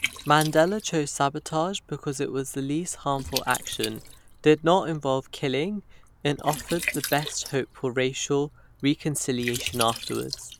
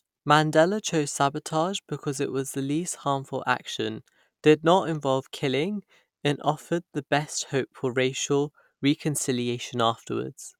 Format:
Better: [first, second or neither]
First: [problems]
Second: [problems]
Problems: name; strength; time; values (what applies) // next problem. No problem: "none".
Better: second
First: background sound (Liquid); 11 dB below the speech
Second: none